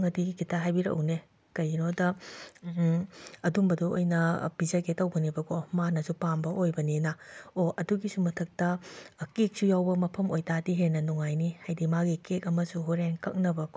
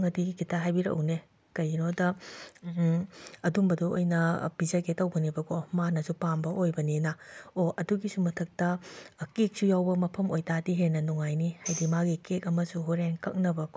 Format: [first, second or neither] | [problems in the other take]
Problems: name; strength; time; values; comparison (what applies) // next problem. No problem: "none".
first | background sound (Tambourine); 14 dB below the speech